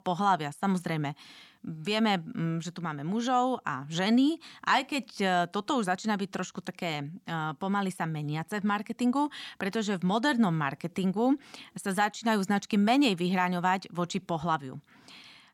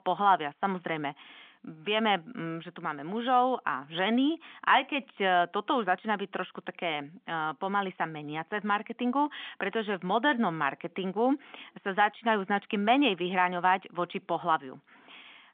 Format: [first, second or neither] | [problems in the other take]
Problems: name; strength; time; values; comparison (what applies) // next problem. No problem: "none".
first | phone-call audio; nothing above 3.5 kHz